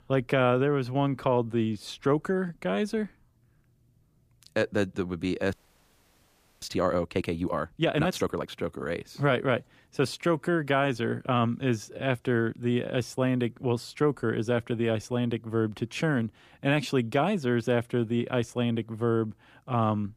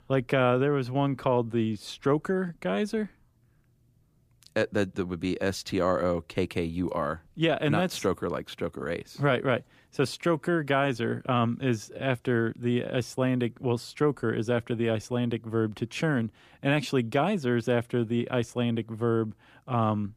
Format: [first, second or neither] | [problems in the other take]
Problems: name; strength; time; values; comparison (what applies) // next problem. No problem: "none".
second | audio freezing; at 5.5 s for 1 s